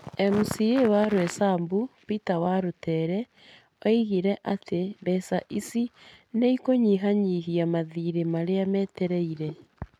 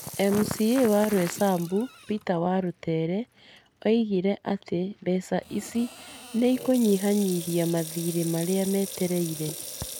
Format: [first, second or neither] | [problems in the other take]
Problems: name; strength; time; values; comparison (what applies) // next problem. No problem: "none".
first | background sound (Sink (filling or washing) / Water tap, faucet); 15 dB below the speech